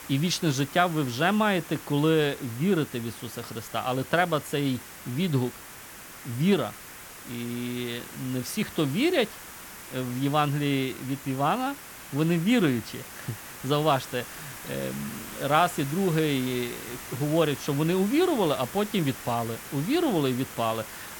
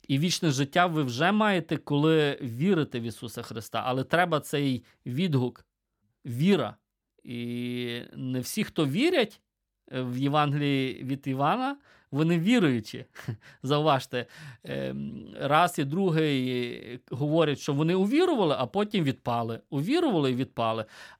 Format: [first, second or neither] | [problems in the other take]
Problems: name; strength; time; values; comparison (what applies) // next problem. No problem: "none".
second | hiss; noticeable; throughout; 15 dB below the speech